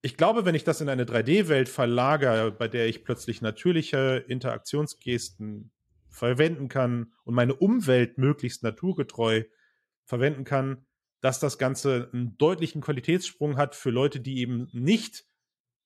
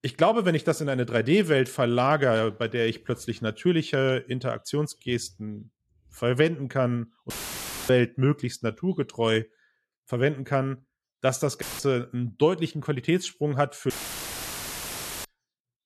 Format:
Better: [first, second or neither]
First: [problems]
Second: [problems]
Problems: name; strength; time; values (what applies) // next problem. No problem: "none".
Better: first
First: none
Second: audio cutting out; filled with static; at 7.5 s for 0.5 s, at 12 s and at 14 s for 1.5 s